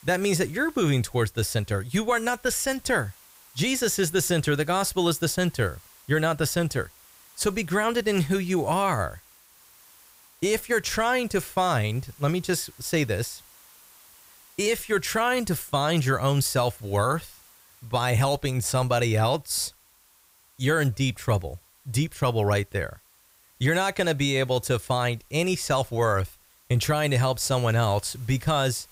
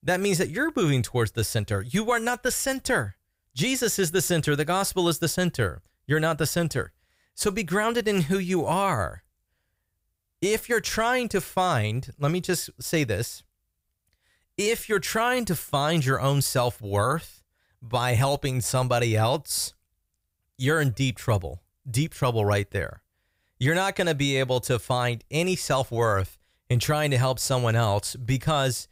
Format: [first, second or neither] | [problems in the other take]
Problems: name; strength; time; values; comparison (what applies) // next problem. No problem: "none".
second | hiss; faint; throughout; 25 dB below the speech